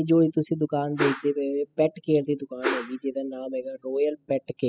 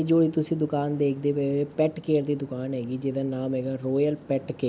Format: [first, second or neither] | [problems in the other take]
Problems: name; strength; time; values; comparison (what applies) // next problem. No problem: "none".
second | noise reduction (classical method spectral subtraction)